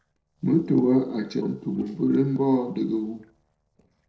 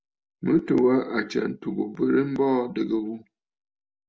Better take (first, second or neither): second